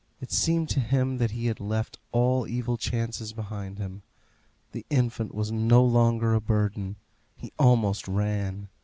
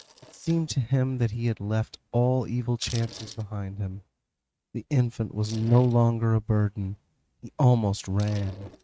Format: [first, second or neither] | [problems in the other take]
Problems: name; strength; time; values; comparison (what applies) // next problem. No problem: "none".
first | noise reduction (neural mask model RNNoise)